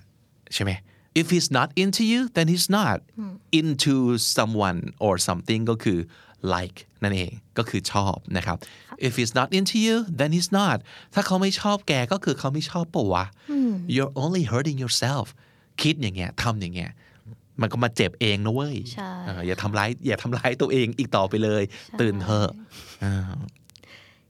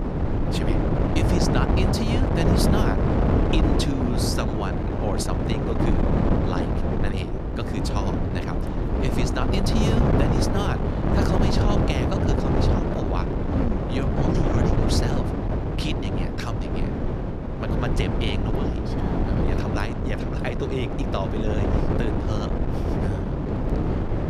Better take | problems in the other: first | wind noise on the microphone; heavy; 3 dB above the speech

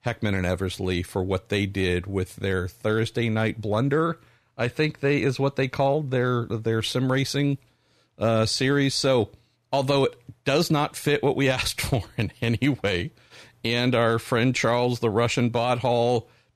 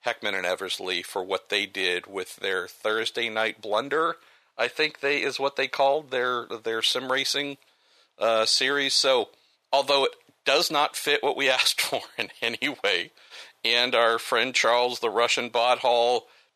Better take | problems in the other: first | thin; very; fading below 650 Hz

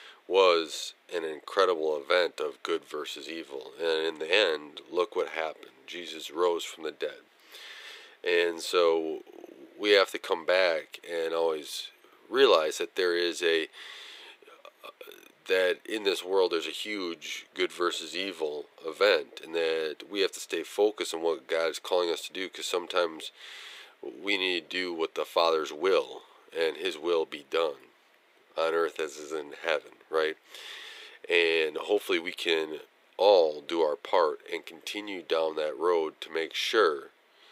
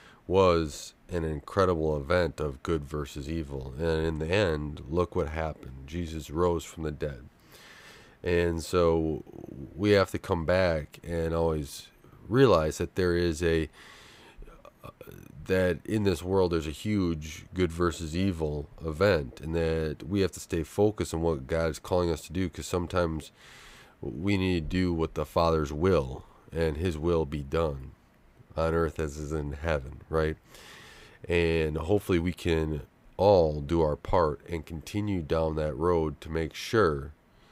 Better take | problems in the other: second | thin; very; fading below 400 Hz

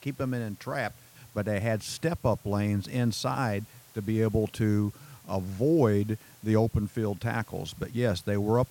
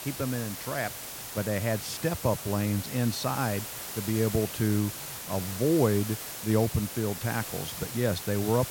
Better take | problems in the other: first | hiss; loud; throughout; 7 dB below the speech; faint in the first

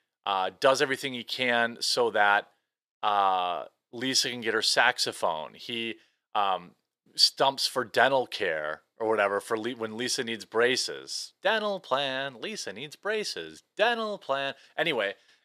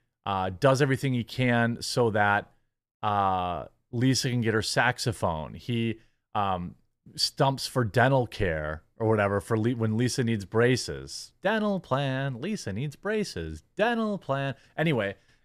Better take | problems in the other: second | thin; somewhat; fading below 450 Hz

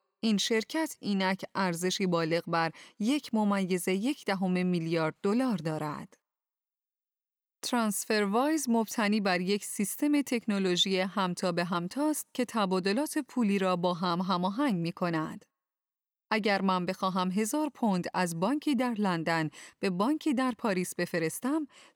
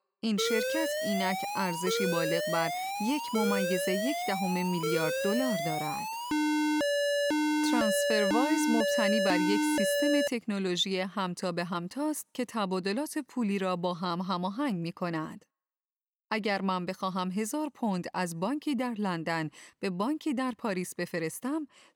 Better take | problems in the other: first | alarm; loud; until 10 s; peak 4 dB above the speech

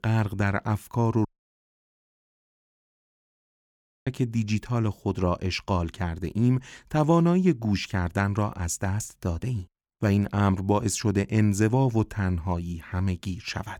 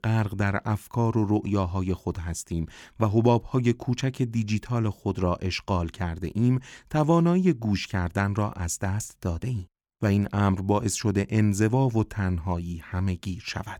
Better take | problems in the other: second | audio cutting out; at 1.5 s for 3 s

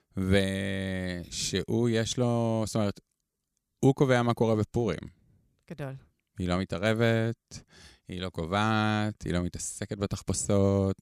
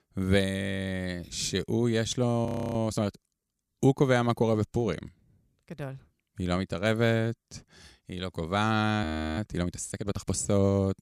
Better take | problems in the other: first | audio freezing; at 2.5 s and at 9 s

